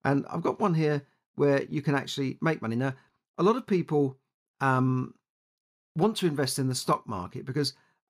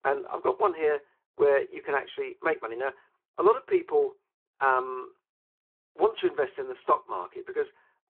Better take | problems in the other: first | phone-call audio

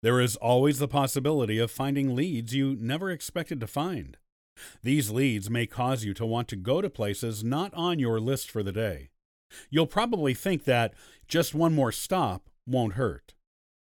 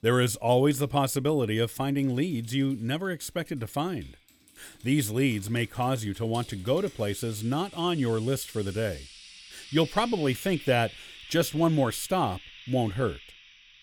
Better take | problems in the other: first | household noises; noticeable; throughout; 20 dB below the speech

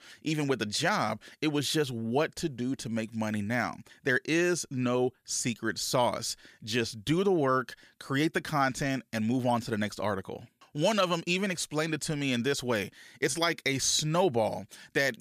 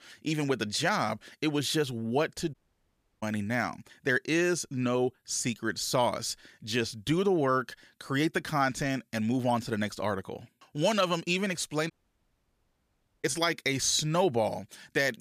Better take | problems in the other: first | audio cutting out; at 2.5 s for 0.5 s and at 12 s for 1.5 s

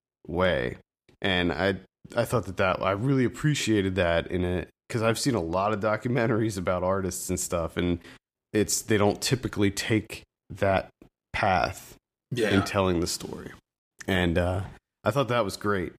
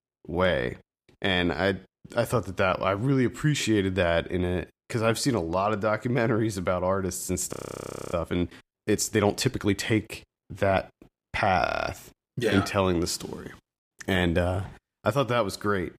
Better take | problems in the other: first | audio freezing; at 7.5 s for 0.5 s and at 12 s

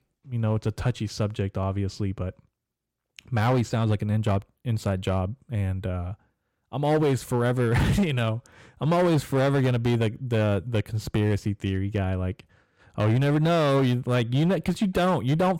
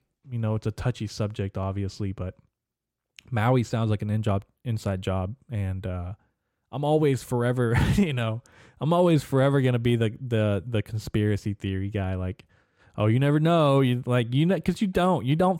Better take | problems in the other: second | distortion; slight; 9% of the sound clipped

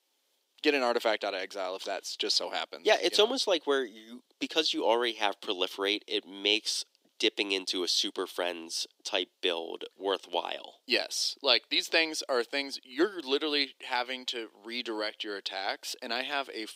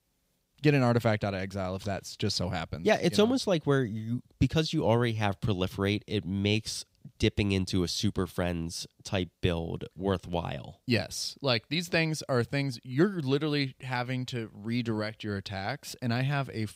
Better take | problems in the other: second | thin; very; fading below 300 Hz

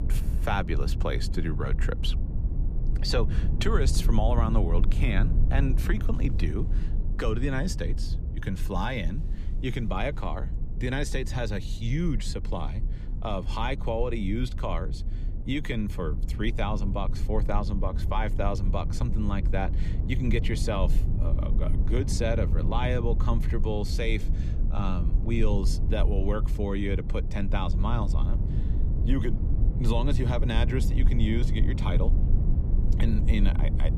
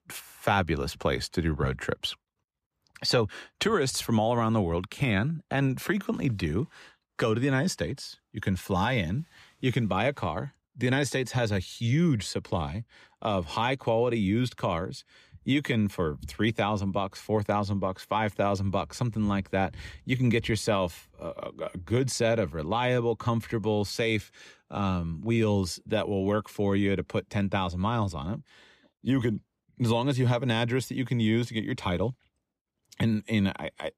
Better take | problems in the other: second | low rumble; noticeable; throughout; 10 dB below the speech

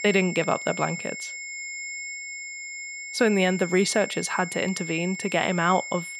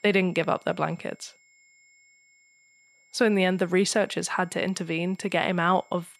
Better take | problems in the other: second | high-pitched whine; loud; throughout; 2 kHz, 9 dB below the speech; faint in the second

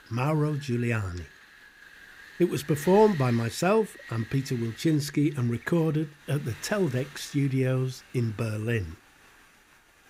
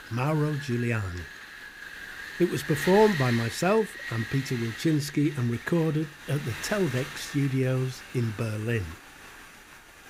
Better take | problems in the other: first | wind noise on the microphone; heavy; 7 dB below the speech; occasional gusts in the first

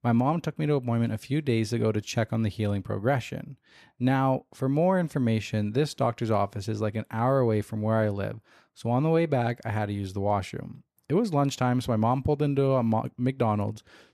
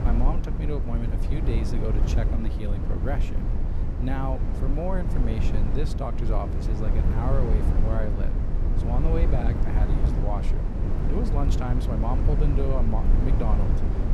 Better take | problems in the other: first | low rumble; loud; throughout; 3 dB below the speech

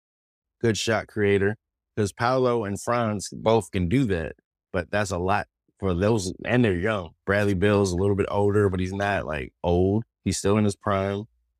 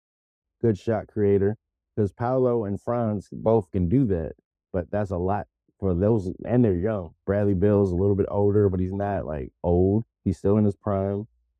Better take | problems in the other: first | muffled; very; fading above 1.5 kHz

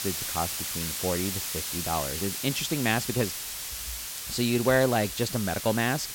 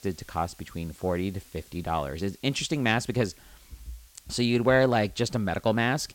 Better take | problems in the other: second | hiss; loud; throughout; 3 dB below the speech; faint in the second

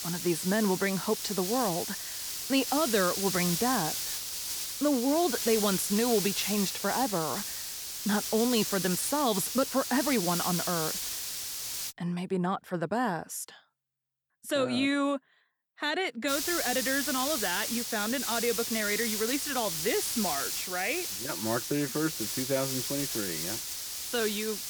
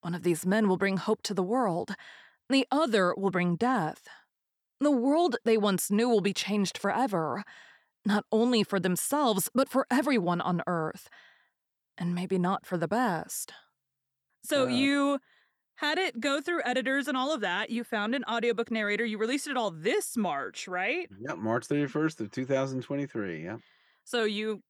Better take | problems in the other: second | hiss; loud; until 12 s and from 16 s on; 2 dB below the speech

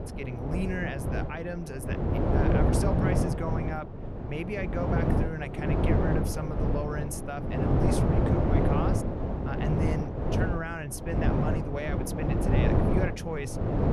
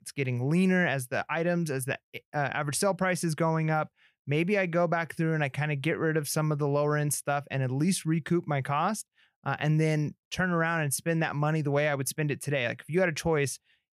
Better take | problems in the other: second | wind noise on the microphone; heavy; 3 dB above the speech

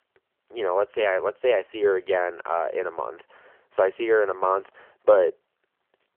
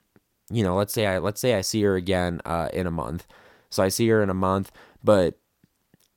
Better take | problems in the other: second | phone-call audio; nothing above 3 kHz

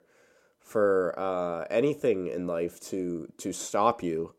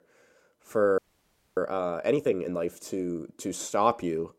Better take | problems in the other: first | audio freezing; at 1 s for 0.5 s

